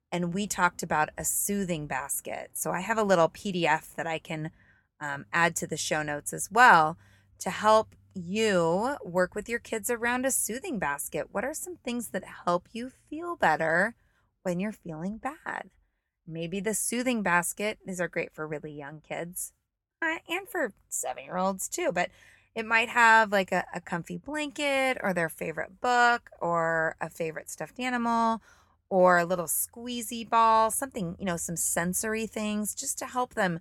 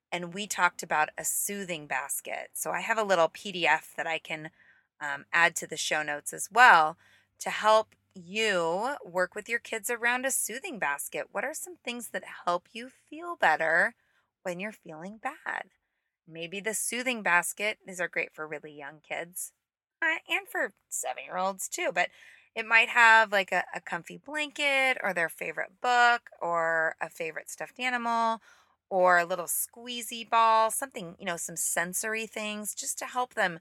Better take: first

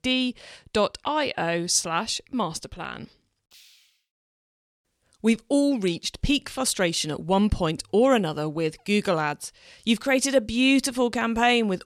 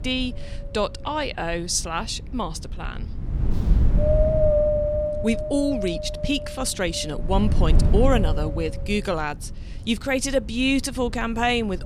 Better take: first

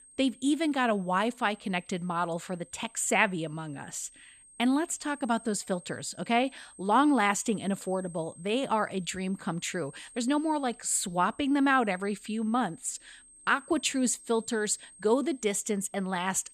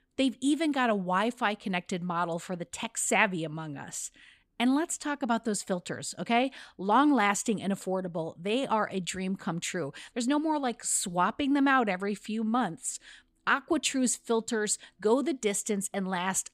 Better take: second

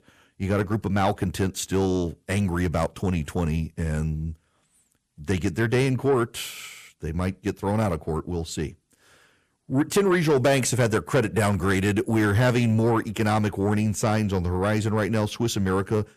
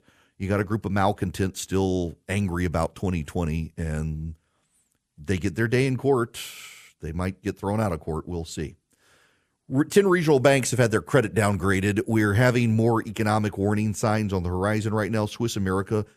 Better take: second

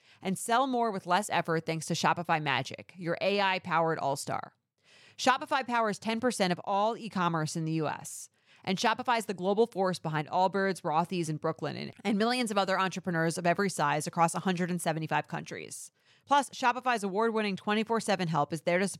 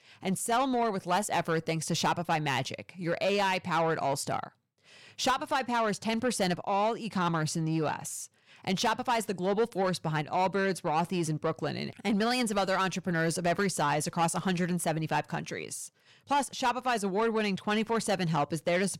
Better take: first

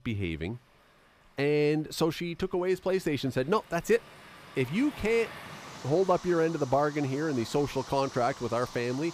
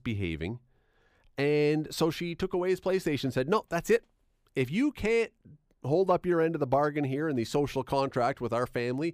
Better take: second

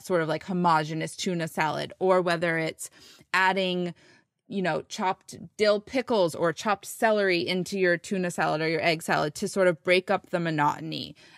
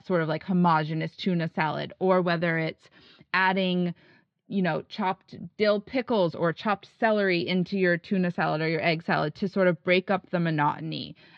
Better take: first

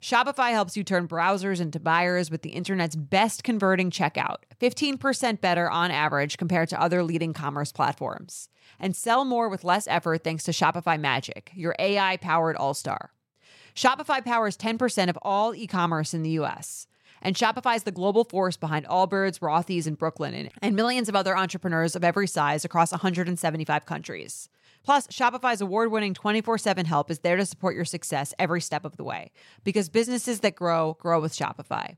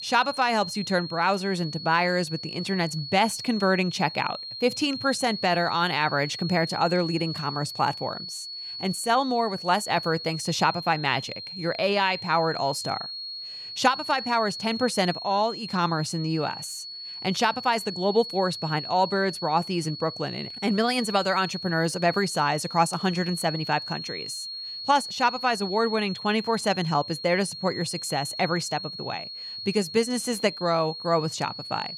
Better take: first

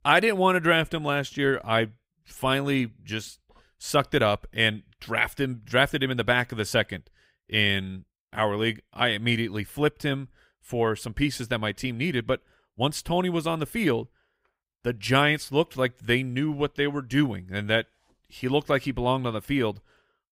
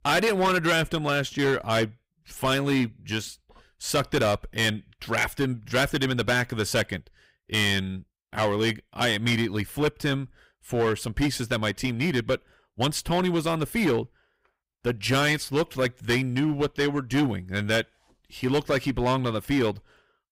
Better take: first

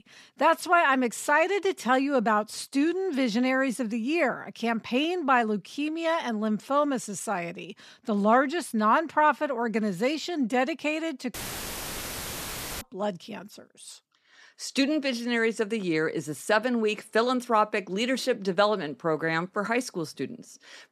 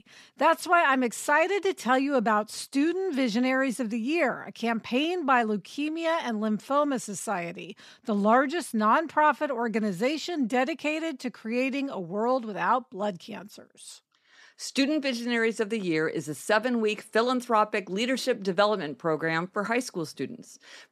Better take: second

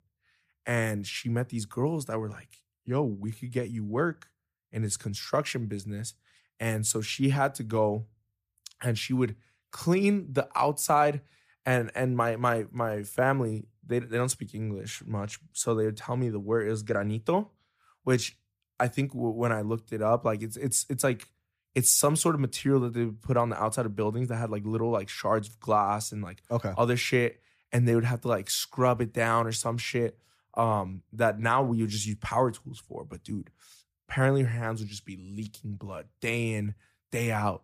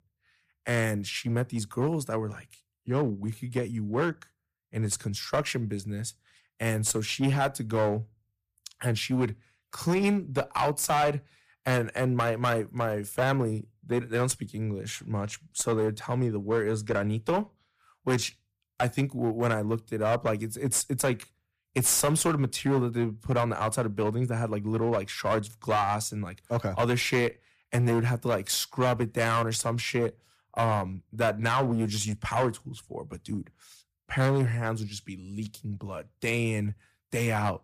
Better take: first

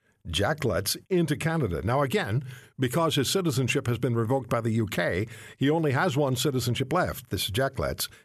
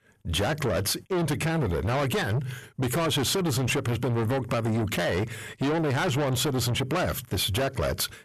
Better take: first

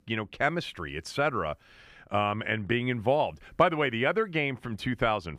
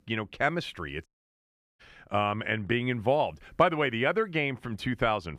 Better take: first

